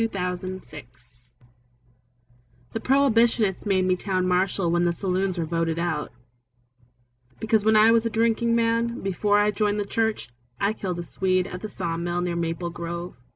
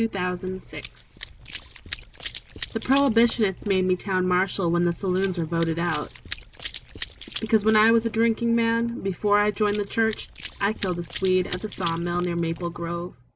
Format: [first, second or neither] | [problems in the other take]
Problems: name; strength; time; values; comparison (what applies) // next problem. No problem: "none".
first | background sound (Run); 16 dB below the speech